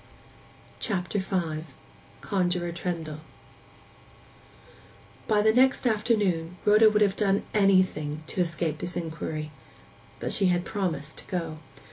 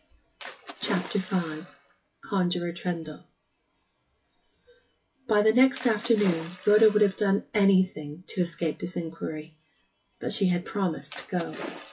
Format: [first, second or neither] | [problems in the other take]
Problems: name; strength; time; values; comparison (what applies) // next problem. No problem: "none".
first | noise reduction (classical method WPE with log-MMSE)